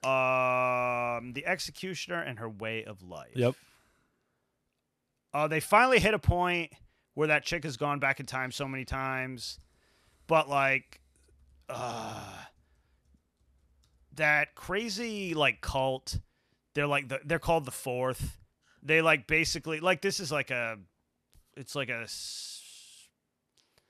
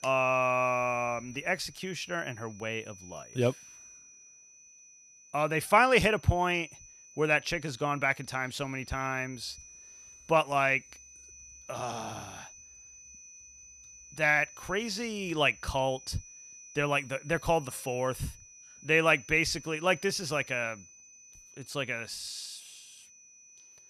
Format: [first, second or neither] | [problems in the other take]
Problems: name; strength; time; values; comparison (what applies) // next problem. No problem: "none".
first | high-pitched whine; faint; throughout; 6 kHz, 20 dB below the speech